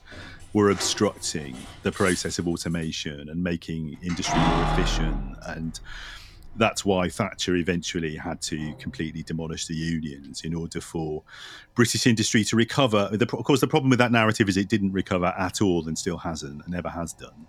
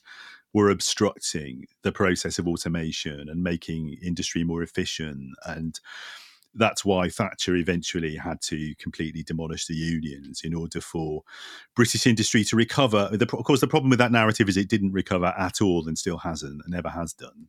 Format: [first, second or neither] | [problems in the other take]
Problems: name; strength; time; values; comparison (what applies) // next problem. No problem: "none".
second | household noises; loud; throughout; 6 dB below the speech